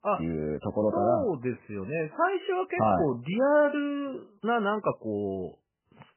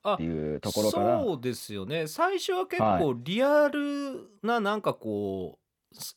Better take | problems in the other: second | garbled, watery; badly; nothing above 3 kHz

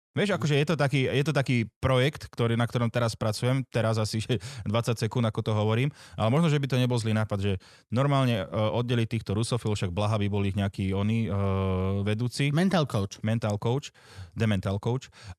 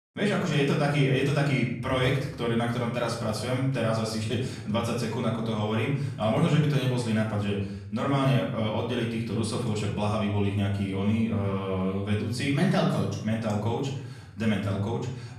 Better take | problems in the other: first | off-mic speech; far // room echo; noticeable; dies away in 0.6 s

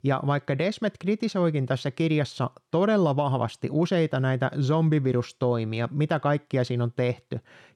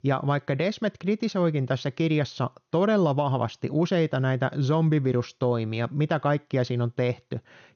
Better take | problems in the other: first | garbled, watery; slightly; nothing above 6.5 kHz

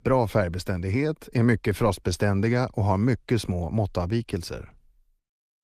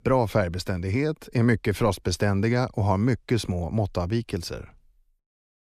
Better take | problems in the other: second | garbled, watery; slightly; nothing above 14.5 kHz

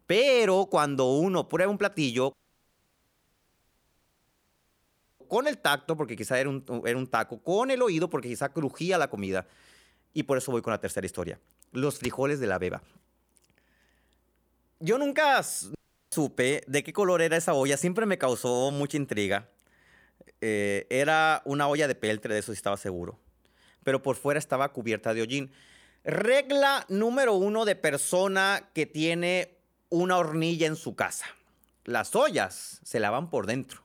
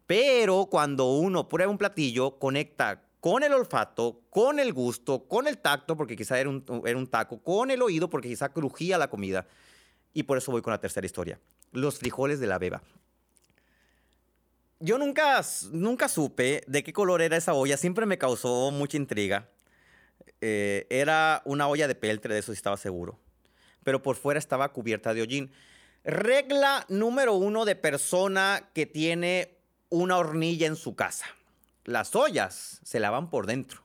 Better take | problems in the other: second | audio cutting out; at 2.5 s for 3 s and at 16 s

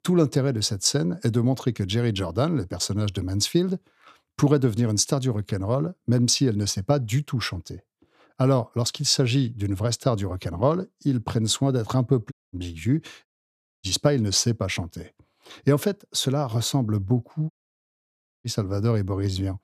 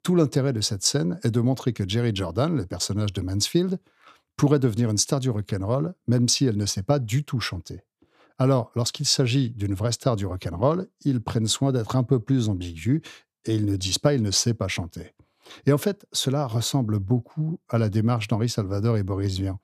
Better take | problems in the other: second | audio cutting out; at 12 s, at 13 s for 0.5 s and at 18 s for 1 s

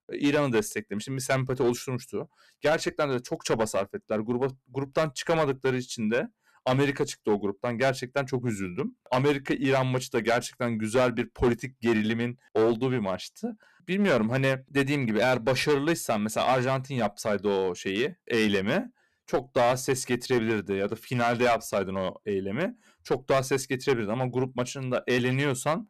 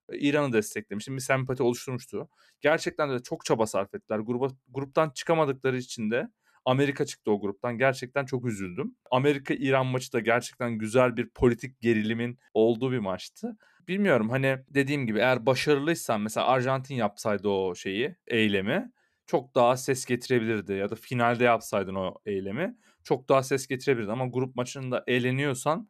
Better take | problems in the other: second | distortion; slight; 5% of the sound clipped

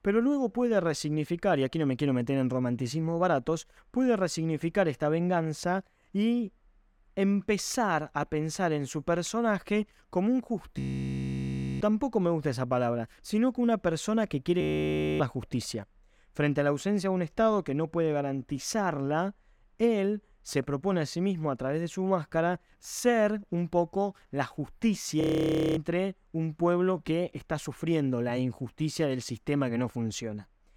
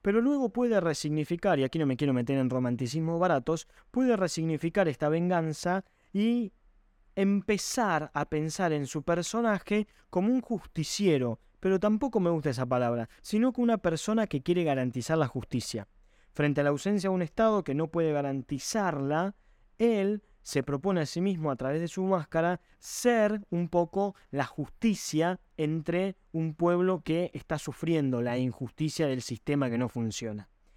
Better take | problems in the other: second | audio freezing; at 11 s for 1 s, at 15 s for 0.5 s and at 25 s for 0.5 s

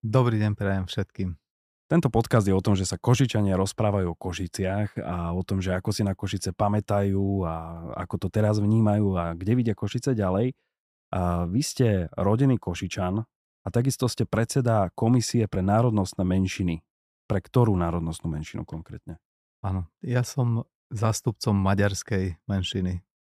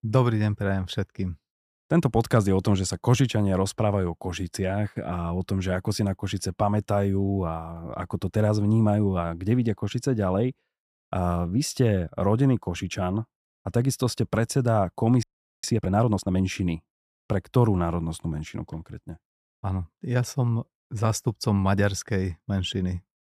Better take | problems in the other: first | audio freezing; at 15 s

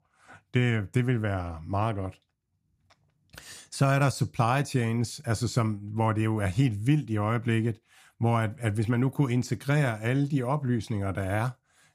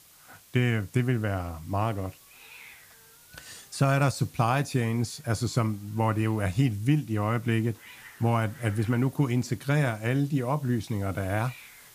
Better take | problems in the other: first | hiss; faint; throughout; 25 dB below the speech

